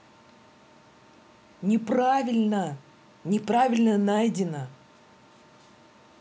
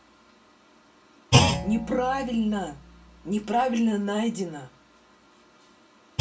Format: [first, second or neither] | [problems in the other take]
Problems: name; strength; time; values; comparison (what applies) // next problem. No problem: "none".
first | background sound (Thump, thud); 1 dB below the speech // room echo; dies away in 0.1 s